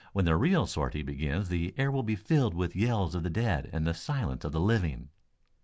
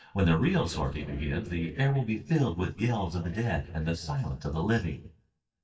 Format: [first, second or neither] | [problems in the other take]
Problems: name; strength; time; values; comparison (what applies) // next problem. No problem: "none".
first | noise reduction (neural mask model DeepFilterNet 3)